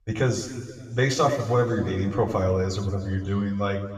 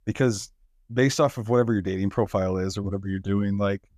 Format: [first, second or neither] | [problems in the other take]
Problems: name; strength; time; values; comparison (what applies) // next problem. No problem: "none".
second | room echo; noticeable; dies away in 2 s // off-mic speech; far